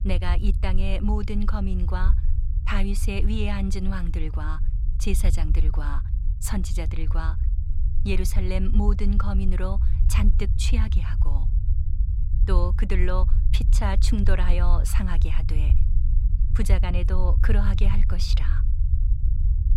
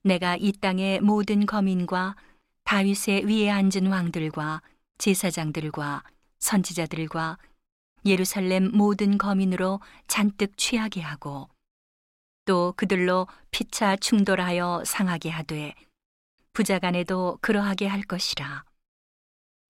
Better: second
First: low rumble; noticeable; throughout; 10 dB below the speech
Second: none

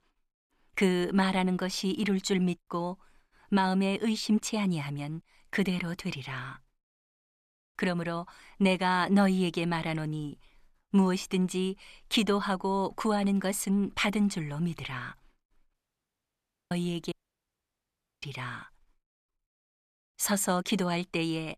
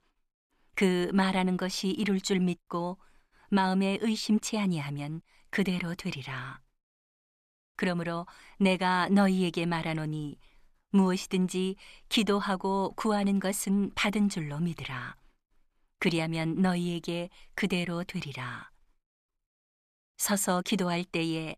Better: second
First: audio cutting out; at 16 s for 1 s and at 17 s for 1 s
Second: none

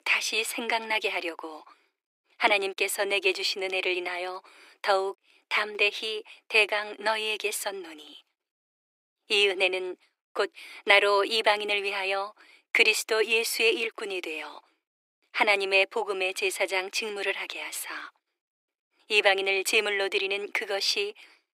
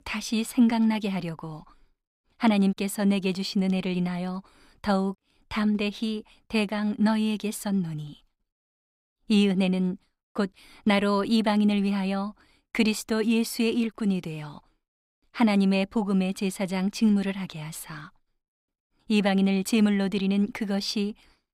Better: second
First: thin; very; fading below 350 Hz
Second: none

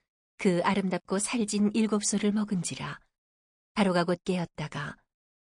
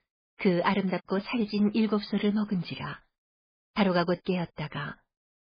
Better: first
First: garbled, watery; slightly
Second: garbled, watery; badly

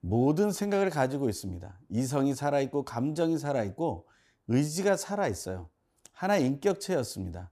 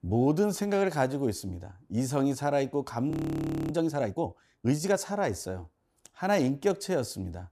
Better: first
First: none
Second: audio freezing; at 3 s for 0.5 s

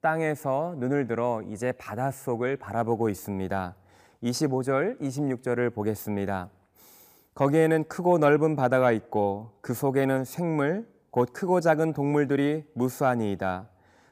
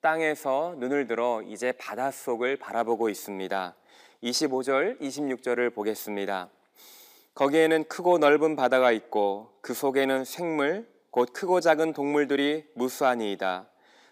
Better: first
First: none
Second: thin; very slightly; fading below 300 Hz

